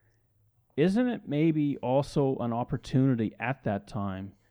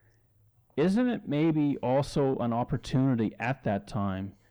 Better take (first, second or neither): first